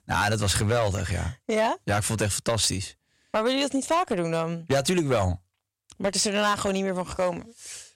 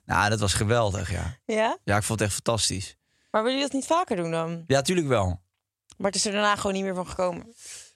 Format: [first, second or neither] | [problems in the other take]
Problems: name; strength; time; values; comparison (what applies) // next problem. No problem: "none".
second | distortion; slight; 5% of the sound clipped